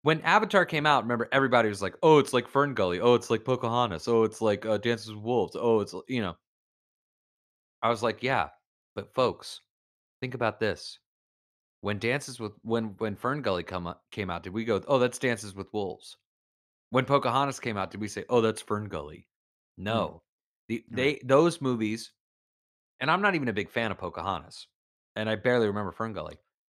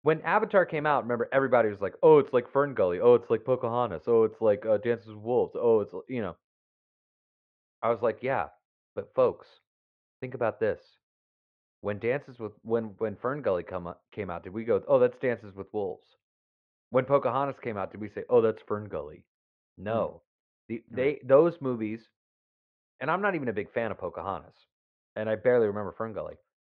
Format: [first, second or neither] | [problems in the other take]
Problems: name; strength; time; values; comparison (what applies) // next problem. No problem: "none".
first | muffled; very; fading above 2.5 kHz